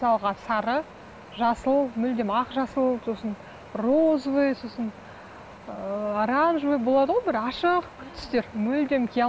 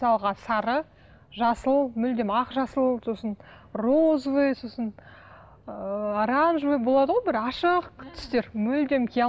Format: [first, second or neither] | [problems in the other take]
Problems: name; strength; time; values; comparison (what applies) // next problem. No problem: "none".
second | background sound (Wind); 20 dB below the speech